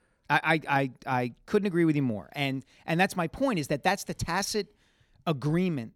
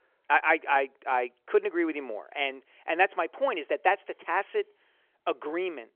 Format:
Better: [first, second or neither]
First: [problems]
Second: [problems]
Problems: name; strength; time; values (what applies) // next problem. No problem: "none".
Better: first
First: none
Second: phone-call audio